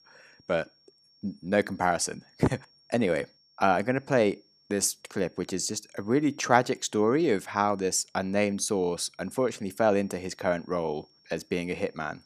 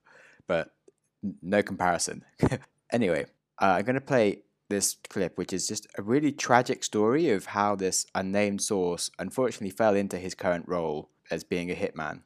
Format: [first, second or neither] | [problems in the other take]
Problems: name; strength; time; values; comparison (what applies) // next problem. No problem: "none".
second | high-pitched whine; faint; throughout; 5.5 kHz, 30 dB below the speech